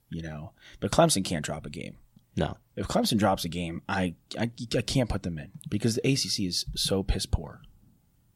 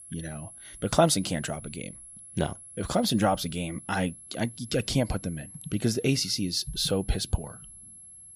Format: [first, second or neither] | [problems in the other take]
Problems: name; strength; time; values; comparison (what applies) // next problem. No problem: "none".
first | high-pitched whine; noticeable; throughout; 11 kHz, 15 dB below the speech